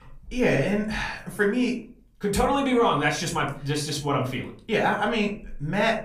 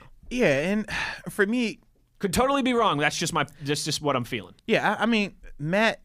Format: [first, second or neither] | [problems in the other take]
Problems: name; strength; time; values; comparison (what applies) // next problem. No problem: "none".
second | room echo; slight; dies away in 0.3 s // off-mic speech; somewhat distant